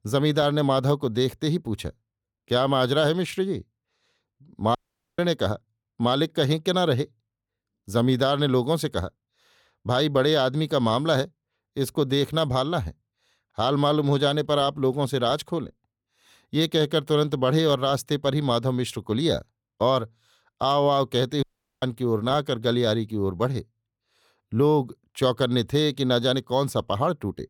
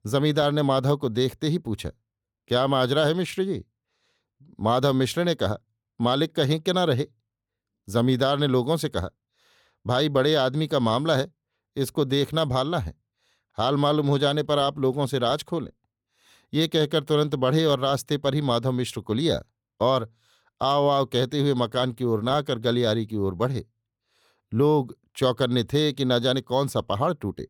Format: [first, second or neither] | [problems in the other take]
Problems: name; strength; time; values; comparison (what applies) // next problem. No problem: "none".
second | audio cutting out; at 5 s and at 21 s